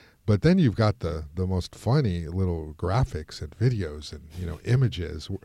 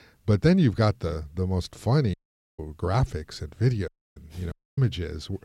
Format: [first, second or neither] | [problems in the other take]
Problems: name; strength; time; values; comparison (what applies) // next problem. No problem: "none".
first | audio cutting out; at 2 s, at 4 s and at 4.5 s